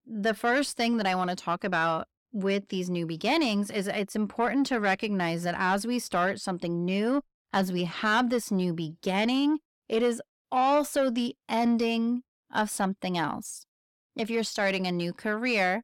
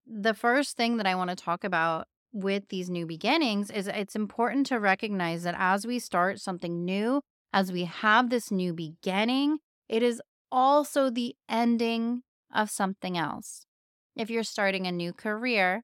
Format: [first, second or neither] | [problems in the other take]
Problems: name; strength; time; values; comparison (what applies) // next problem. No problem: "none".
second | distortion; slight; 10 dB below the speech